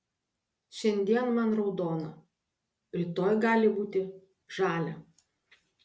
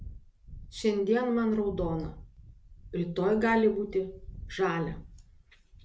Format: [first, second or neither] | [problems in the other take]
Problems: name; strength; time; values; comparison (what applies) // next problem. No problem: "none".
first | background sound (Wind); 16 dB below the speech